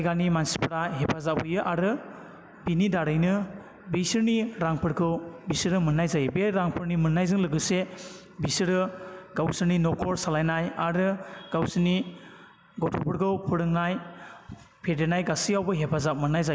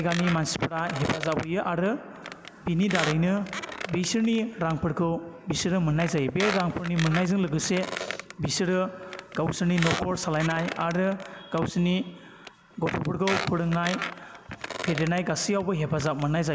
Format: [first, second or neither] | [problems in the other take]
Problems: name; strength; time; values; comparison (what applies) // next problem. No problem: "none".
first | background sound (Squeak); 10 dB below the speech